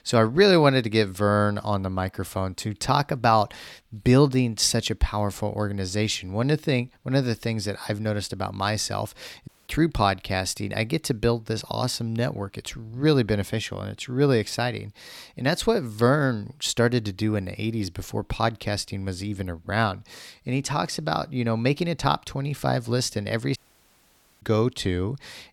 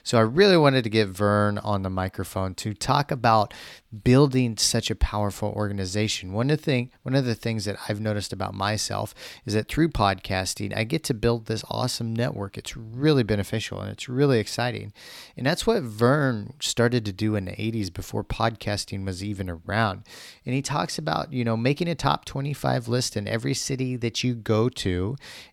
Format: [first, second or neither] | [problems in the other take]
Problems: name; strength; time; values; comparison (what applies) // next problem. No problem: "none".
second | audio cutting out; at 9.5 s and at 24 s for 1 s